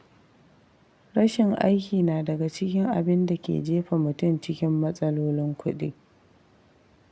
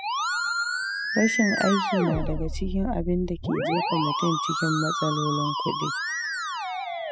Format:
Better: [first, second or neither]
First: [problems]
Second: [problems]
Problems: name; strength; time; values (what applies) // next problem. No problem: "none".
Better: first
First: none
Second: noise reduction (classical method spectral subtraction)